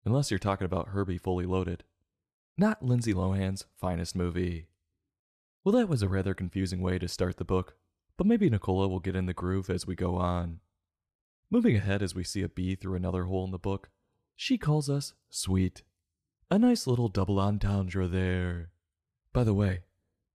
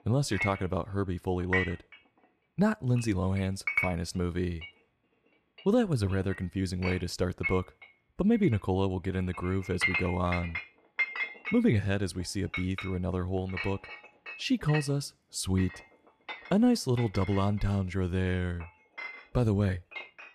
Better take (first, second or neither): first